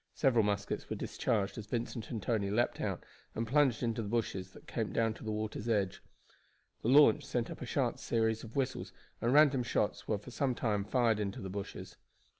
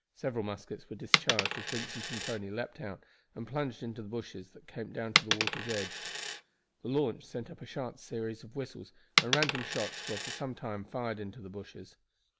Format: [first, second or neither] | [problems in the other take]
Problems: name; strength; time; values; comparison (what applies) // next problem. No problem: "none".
first | background sound (Coin (dropping)); 1 dB above the speech